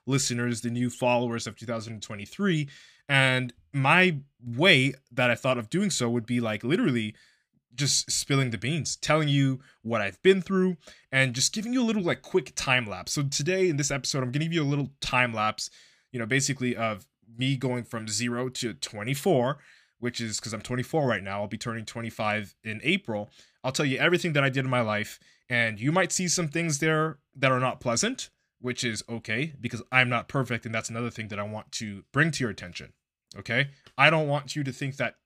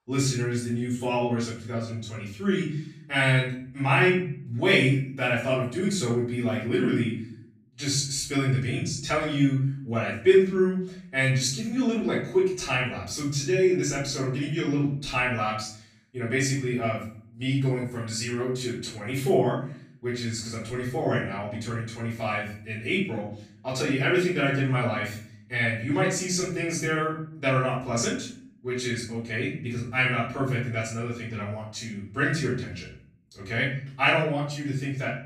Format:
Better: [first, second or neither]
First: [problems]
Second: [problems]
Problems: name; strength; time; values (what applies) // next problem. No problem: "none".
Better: first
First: none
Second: off-mic speech; far // room echo; noticeable; dies away in 0.5 s